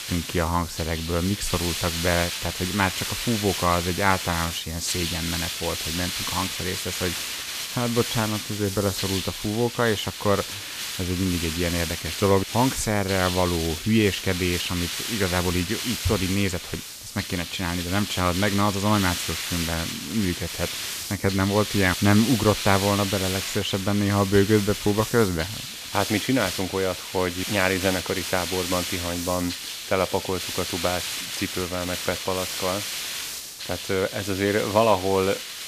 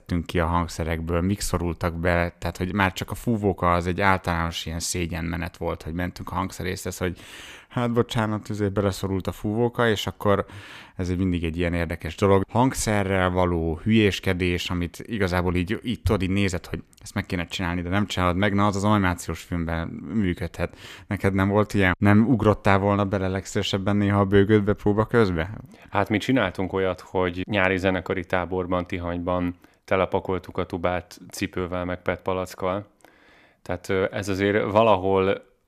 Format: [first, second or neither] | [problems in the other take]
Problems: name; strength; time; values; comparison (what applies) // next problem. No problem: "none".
second | hiss; loud; throughout; 4 dB below the speech